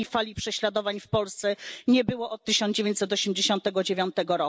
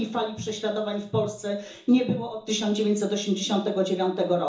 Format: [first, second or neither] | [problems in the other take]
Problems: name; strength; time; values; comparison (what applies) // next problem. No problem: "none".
first | room echo; dies away in 0.7 s